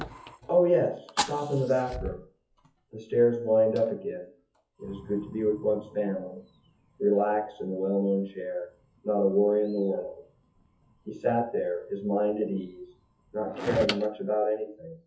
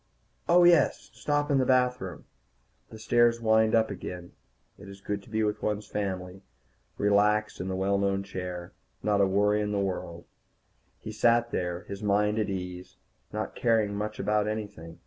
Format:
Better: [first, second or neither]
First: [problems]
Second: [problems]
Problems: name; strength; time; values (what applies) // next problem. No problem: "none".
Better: second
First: noise reduction (classical method WPE with log-MMSE)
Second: none